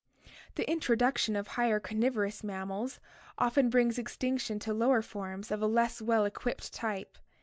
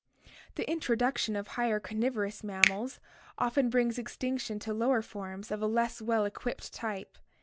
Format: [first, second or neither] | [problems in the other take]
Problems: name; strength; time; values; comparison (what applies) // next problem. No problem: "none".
first | background sound (Finger snapping); 4 dB below the speech